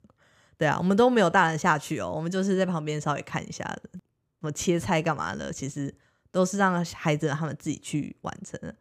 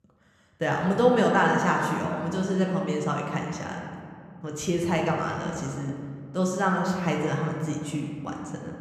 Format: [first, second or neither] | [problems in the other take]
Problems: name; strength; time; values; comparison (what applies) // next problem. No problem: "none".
first | room echo; noticeable; dies away in 2 s // off-mic speech; somewhat distant